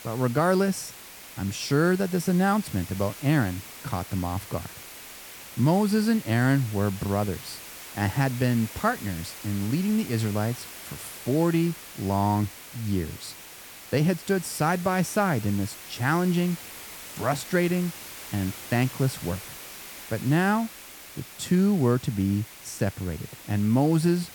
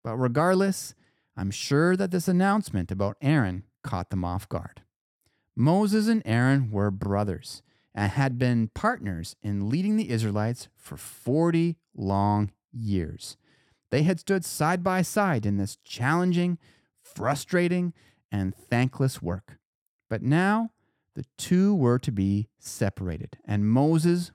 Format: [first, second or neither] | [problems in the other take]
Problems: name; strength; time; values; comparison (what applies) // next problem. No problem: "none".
second | hiss; noticeable; throughout; 15 dB below the speech